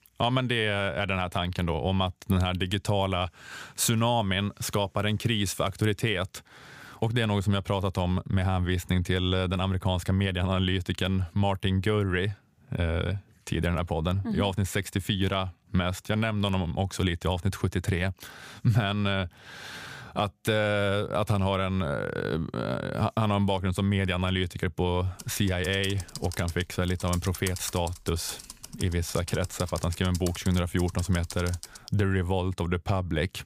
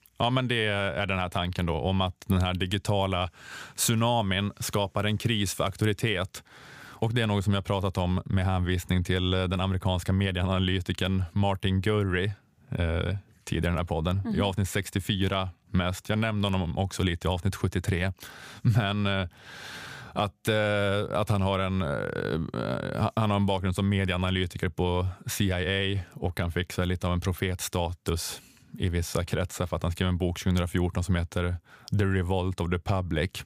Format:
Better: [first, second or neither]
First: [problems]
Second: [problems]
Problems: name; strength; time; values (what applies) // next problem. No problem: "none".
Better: second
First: keyboard typing; noticeable; from 25 to 32 s; peak 8 dB below the speech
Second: none